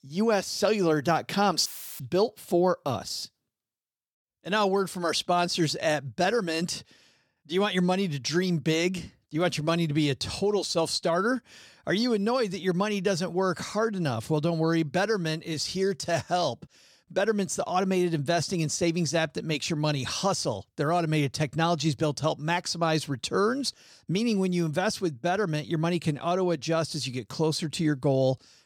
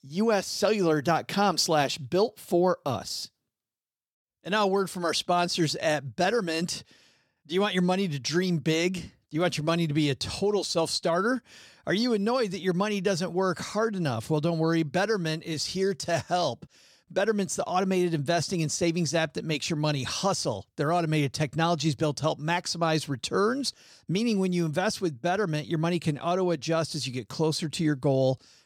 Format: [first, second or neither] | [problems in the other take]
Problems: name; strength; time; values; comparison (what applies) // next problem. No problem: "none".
second | audio cutting out; filled with static; at 1.5 s